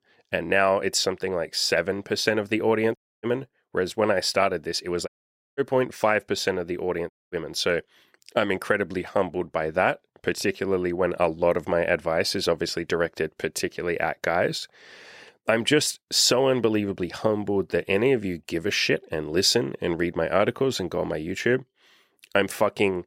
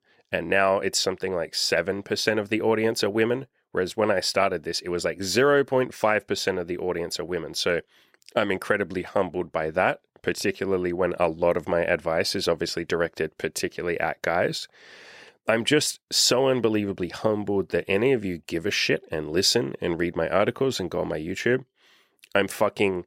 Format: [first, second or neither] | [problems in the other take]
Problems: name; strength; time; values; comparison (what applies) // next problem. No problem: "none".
second | audio cutting out; at 3 s, at 5 s and at 7 s